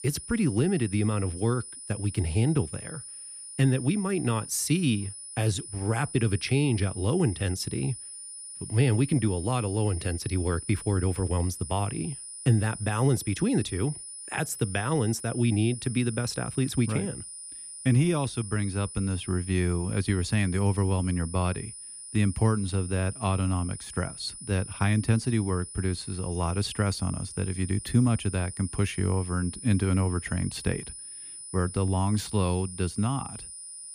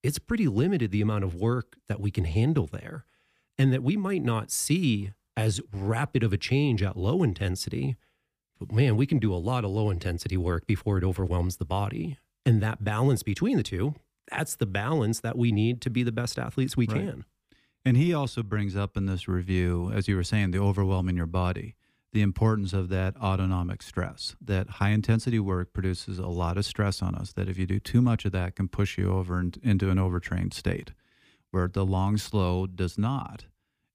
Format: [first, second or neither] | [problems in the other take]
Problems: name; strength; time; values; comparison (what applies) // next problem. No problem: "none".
second | high-pitched whine; noticeable; throughout; 9.5 kHz, 10 dB below the speech